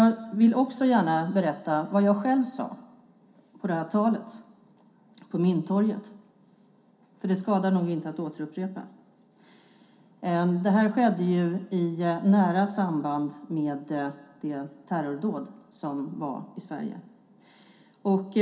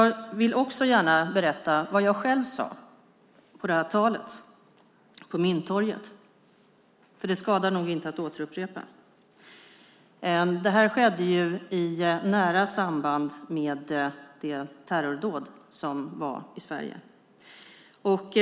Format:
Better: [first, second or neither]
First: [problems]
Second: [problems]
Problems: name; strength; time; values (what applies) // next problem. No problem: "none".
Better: second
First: room echo; dies away in 0.3 s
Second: none